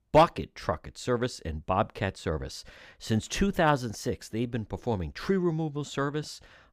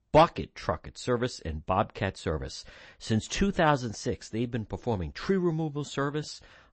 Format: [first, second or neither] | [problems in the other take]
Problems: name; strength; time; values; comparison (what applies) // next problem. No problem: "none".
first | garbled, watery; slightly; nothing above 8 kHz